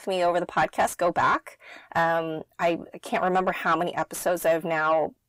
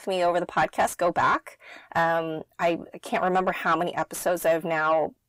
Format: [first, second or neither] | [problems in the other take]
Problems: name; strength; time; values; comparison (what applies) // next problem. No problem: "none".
neither | distortion; slight; 10 dB below the speech; the same in both